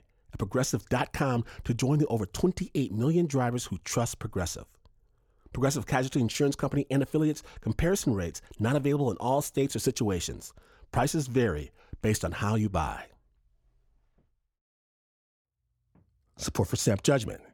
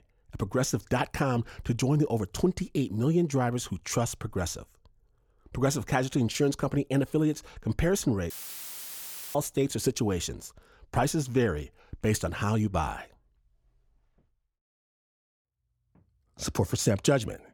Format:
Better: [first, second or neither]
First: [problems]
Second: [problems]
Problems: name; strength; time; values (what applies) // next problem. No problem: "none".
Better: first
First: none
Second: audio cutting out; filled with static; at 8.5 s for 1 s